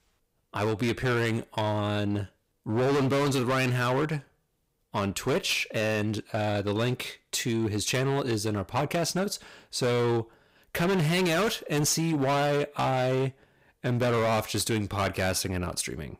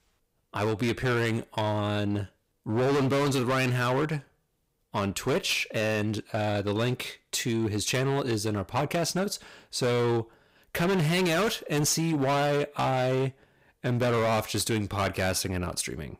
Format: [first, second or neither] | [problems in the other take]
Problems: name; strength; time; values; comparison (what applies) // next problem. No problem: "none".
neither | distortion; heavy; 16% of the sound clipped; the same in both